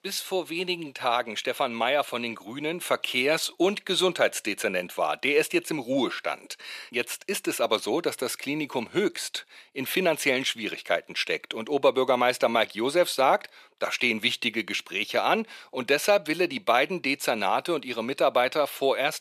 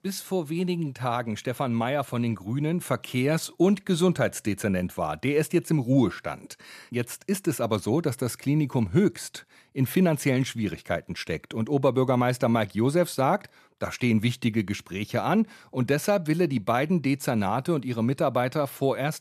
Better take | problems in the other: second | thin; somewhat; fading below 450 Hz

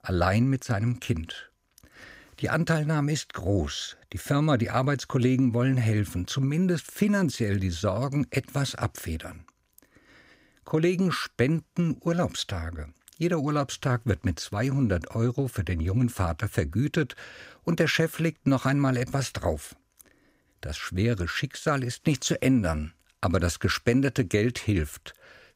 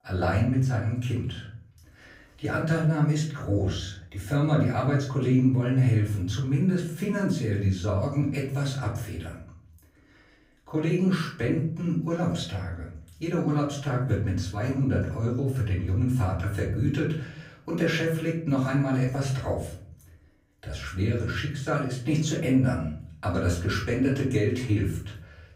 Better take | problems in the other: first | off-mic speech; far // room echo; slight; dies away in 0.6 s

